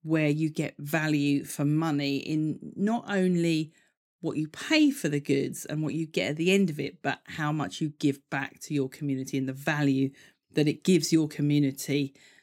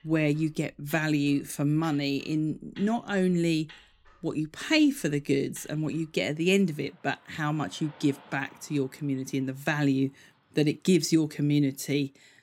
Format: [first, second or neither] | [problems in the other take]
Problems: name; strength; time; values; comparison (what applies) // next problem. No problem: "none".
first | traffic noise; faint; throughout; 25 dB below the speech